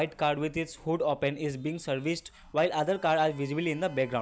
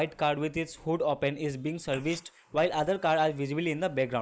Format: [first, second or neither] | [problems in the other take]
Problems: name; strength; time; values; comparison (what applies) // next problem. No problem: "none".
first | noise reduction (neural mask model Resemble Enhance denoiser)